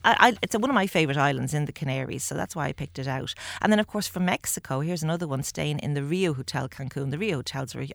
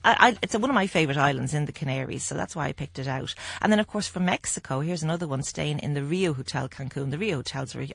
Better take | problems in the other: first | garbled, watery; slightly

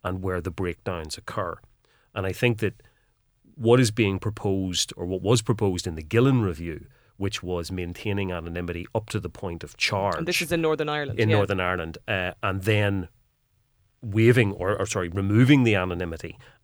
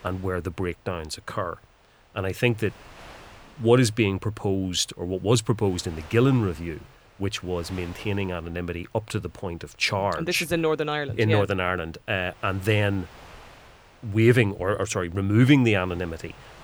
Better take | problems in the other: first | wind noise on the microphone; occasional gusts; 25 dB below the speech

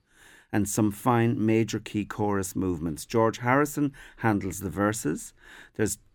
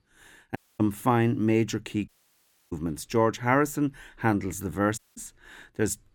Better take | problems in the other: first | audio cutting out; at 0.5 s, at 2 s for 0.5 s and at 5 s

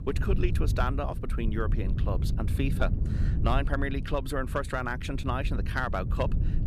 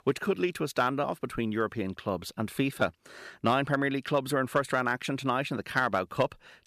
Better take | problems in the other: second | wind noise on the microphone; occasional gusts; 10 dB below the speech

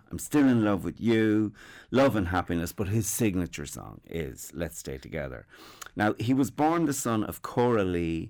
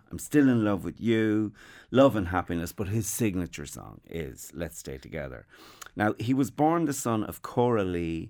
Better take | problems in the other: second | distortion; slight; 3% of the sound clipped

